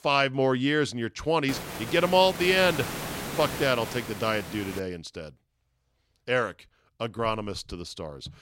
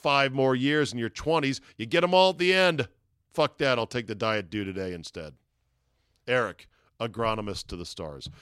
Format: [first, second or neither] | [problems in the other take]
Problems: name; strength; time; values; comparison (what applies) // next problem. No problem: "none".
second | hiss; loud; from 1.5 to 5 s; 9 dB below the speech